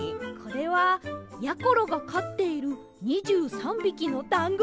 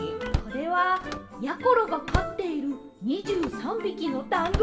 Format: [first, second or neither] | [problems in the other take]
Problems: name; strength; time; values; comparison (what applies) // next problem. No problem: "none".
first | background sound (Slam); 7 dB below the speech // room echo; dies away in 1 s